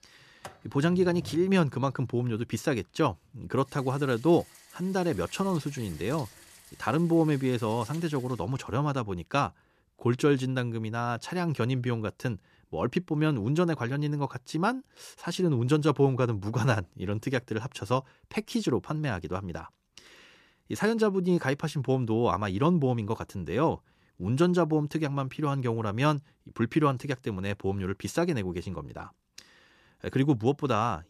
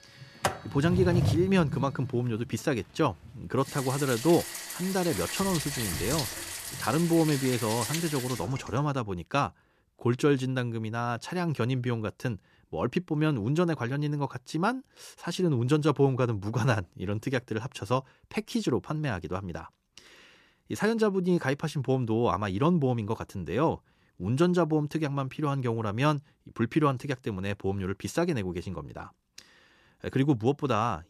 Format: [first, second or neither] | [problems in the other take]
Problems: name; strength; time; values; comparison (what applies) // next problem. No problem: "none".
first | household noises; loud; until 9 s; 5 dB below the speech; faint in the first